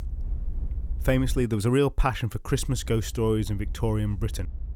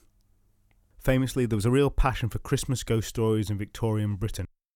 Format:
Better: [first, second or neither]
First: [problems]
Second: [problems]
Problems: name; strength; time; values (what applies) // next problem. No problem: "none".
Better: second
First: low rumble; faint; until 1.5 s and from 2.5 s on; 25 dB below the speech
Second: none